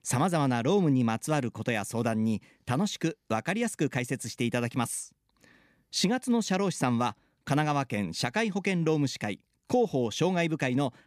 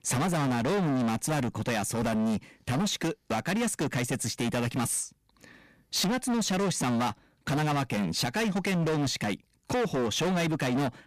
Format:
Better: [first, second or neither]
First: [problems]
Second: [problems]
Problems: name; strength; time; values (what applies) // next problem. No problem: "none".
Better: first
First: none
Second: distortion; heavy; 30% of the sound clipped